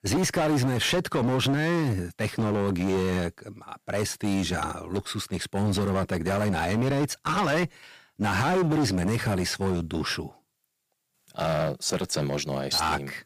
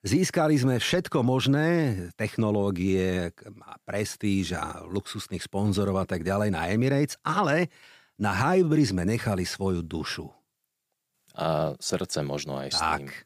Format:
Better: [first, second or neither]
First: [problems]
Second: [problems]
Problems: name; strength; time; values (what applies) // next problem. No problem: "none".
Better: second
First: distortion; heavy; 15% of the sound clipped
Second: none